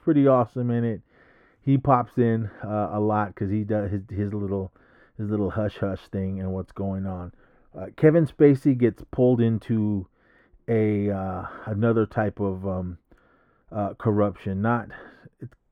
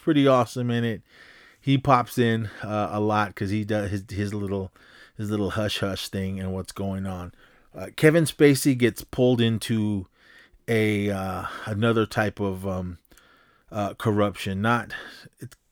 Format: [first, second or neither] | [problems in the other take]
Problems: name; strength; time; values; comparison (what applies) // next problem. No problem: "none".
second | muffled; very; fading above 2.5 kHz